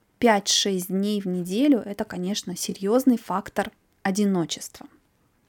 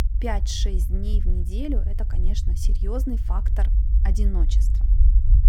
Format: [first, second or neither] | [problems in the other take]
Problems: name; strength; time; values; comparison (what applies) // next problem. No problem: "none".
first | low rumble; loud; throughout; 8 dB below the speech